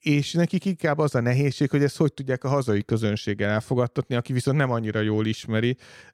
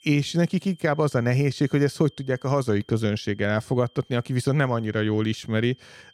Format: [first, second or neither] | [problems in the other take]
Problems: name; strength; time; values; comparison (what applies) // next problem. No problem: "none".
first | high-pitched whine; faint; throughout; 3 kHz, 30 dB below the speech